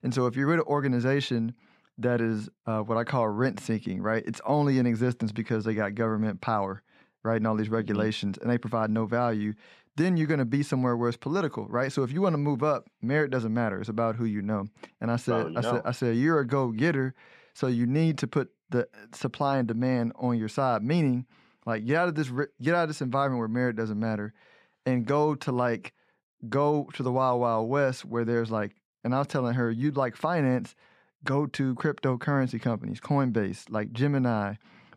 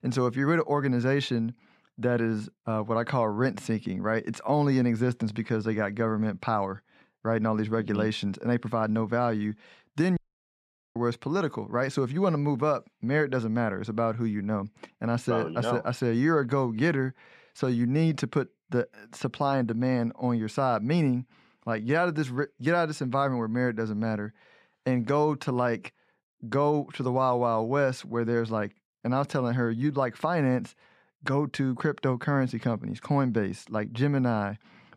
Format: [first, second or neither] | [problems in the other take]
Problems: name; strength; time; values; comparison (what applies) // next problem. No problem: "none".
first | audio cutting out; at 10 s for 1 s